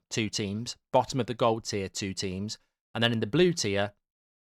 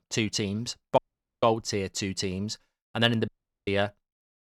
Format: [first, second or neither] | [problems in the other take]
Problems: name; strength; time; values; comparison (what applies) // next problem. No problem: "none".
first | audio cutting out; at 1 s and at 3.5 s